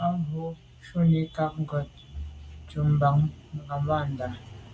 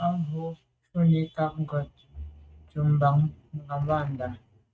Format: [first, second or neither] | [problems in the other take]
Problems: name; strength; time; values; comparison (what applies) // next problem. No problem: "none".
first | noise reduction (neural mask model RNNoise)